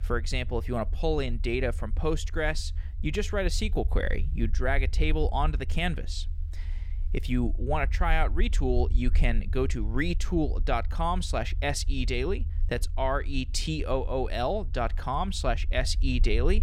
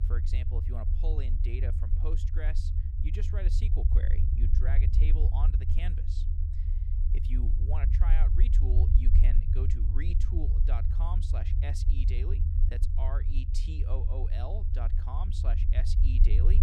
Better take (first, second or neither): first